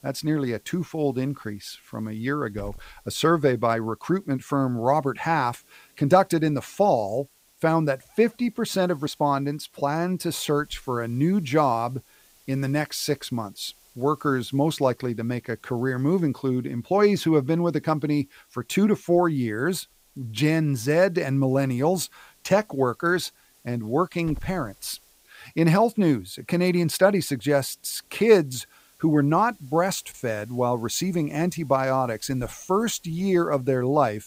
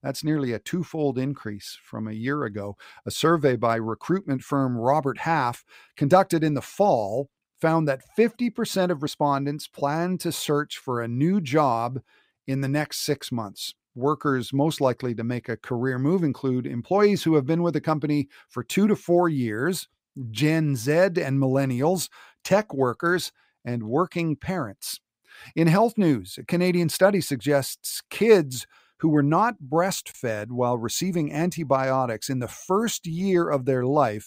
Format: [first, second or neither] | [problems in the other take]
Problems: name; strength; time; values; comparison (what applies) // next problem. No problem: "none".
second | hiss; faint; throughout; 30 dB below the speech